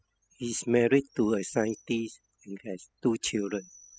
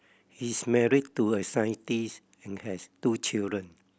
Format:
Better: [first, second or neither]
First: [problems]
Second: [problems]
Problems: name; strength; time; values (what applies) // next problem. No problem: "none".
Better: second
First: noise reduction (classical method spectral subtraction)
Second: none